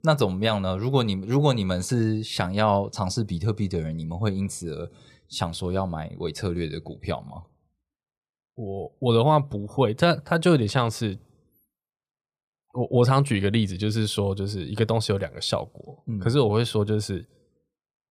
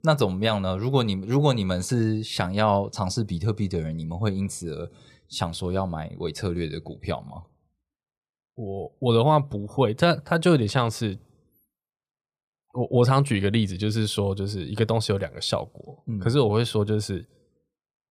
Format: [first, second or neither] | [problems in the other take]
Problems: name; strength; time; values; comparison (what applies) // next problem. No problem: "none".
neither | none